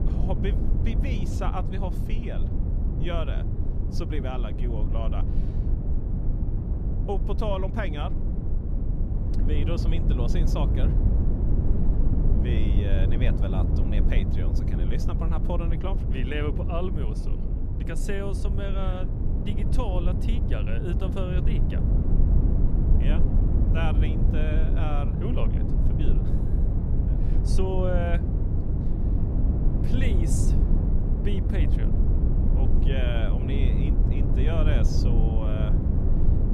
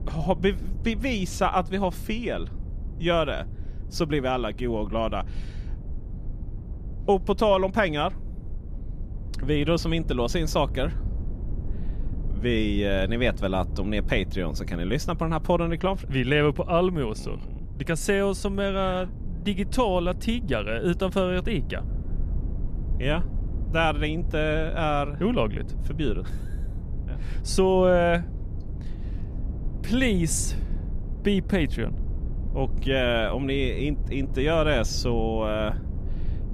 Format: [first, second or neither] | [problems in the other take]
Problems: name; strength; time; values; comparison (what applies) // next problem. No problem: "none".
second | low rumble; loud; throughout; 2 dB below the speech; faint in the second